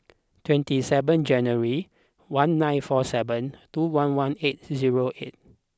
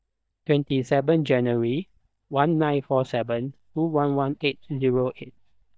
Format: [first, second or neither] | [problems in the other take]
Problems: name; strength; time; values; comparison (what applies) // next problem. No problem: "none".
first | noise reduction (neural mask model DeepFilterNet 3)